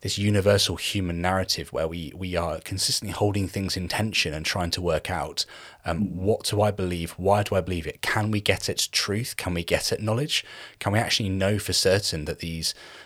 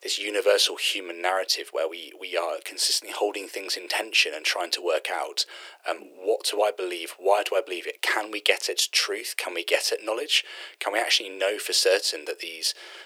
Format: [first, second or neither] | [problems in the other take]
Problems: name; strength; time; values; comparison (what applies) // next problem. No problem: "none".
first | thin; very; fading below 350 Hz